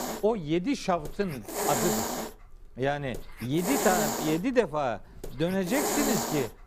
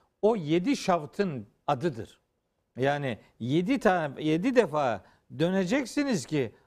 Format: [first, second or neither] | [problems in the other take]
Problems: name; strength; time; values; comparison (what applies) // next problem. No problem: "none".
second | hiss; loud; throughout; 1 dB below the speech